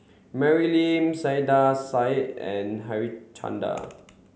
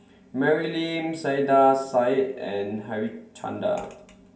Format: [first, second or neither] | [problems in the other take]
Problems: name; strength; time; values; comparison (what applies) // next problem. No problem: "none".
first | room echo; dies away in 0.2 s